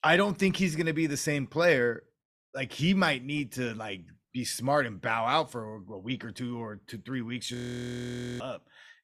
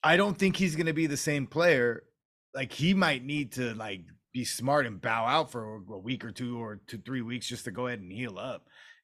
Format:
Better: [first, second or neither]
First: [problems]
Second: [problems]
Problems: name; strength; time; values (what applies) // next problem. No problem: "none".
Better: second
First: audio freezing; at 7.5 s for 1 s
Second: none